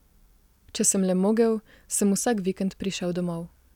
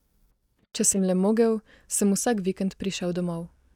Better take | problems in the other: first | noise reduction (neural mask model DeepFilterNet 3)

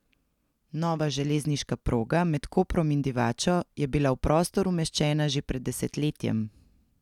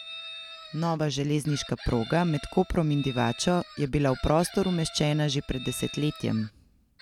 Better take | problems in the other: first | background sound (Chicken, rooster); 16 dB below the speech

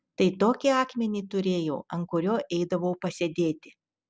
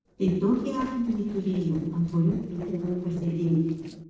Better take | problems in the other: first | noise reduction (neural separator model SepFormer DNS4)

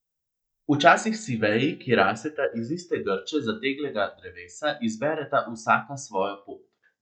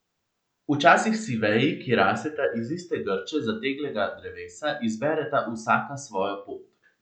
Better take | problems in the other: second | noise reduction (neural mask model DeepFilterNet 3)

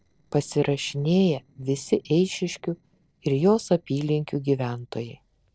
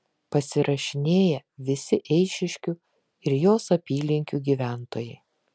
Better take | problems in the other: second | noise reduction (neural separator model SepFormer DNS4)

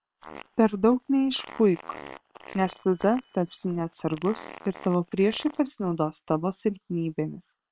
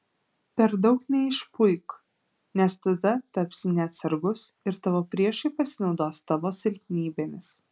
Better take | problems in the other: second | noise reduction (neural separator model SepFormer WHAM!)

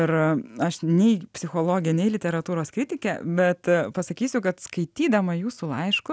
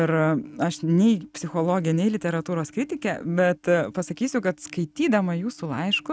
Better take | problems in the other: first | noise reduction (neural mask model RNNoise)

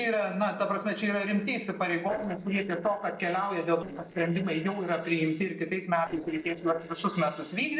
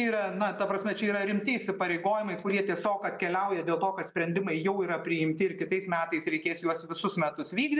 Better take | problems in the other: second | noise reduction (neural separator model SepFormer DNS4)

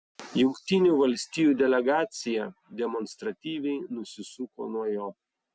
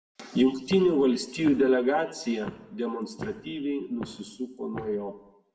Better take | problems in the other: first | background sound (Walk, footsteps); 18 dB below the speech // room echo; dies away in 0.7 s

